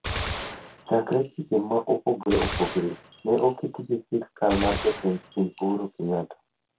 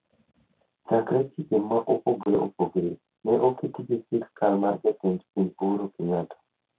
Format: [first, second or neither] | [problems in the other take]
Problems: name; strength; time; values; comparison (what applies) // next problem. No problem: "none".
second | background sound (Gunshot, gunfire); 10 dB below the speech